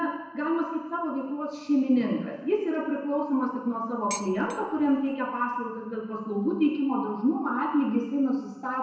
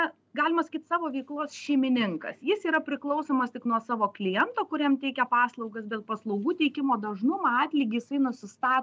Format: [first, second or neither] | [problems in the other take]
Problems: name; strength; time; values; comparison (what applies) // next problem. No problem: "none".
second | background sound (Dishes, pots, and pans); 14 dB below the speech // room echo; dies away in 1 s